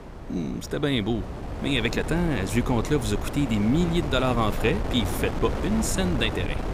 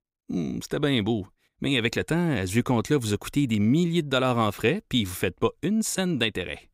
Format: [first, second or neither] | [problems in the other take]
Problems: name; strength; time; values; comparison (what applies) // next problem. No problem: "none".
second | wind noise on the microphone; heavy; 7 dB below the speech